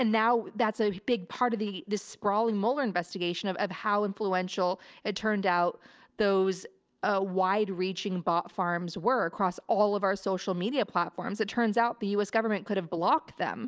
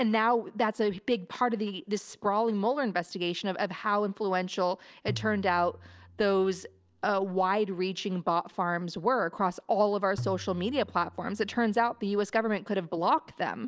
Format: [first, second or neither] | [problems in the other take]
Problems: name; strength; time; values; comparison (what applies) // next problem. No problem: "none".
first | background sound (Tabla); 15 dB below the speech